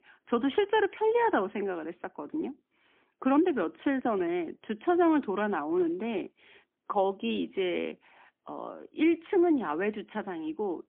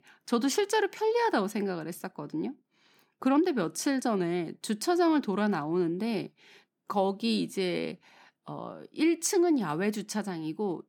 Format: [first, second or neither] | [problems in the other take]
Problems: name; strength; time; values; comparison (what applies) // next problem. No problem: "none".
second | phone-call audio; poor line; nothing above 3.5 kHz